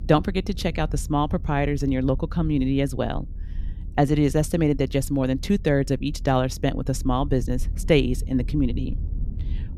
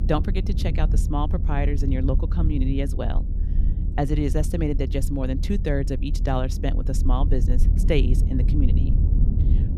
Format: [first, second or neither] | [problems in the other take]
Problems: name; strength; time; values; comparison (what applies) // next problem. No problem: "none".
first | low rumble; loud; throughout; 10 dB below the speech; faint in the first